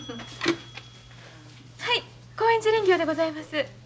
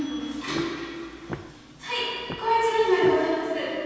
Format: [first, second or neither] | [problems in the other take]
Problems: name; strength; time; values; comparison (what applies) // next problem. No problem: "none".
first | background sound (Walk, footsteps); 15 dB below the speech // room echo; dies away in 2.1 s